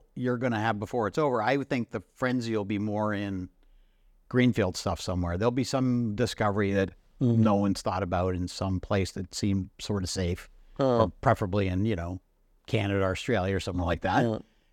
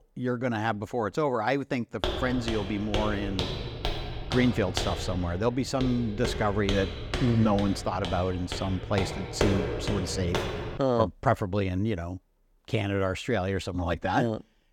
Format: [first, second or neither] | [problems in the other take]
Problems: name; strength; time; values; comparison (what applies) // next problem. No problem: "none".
first | footsteps; loud; from 2 to 11 s; peak 1 dB above the speech